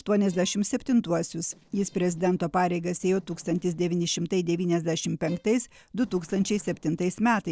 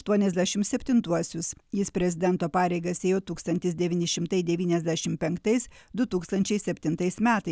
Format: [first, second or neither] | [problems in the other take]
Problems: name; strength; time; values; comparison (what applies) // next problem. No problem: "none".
second | noise reduction (neural separator model SepFormer DNS4)